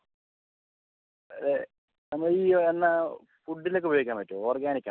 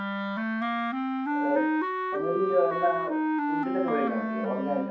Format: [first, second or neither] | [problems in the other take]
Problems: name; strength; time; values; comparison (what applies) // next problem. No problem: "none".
first | background sound (Wind instrument, woodwind instrument); 2 dB above the speech // room echo; dies away in 0.6 s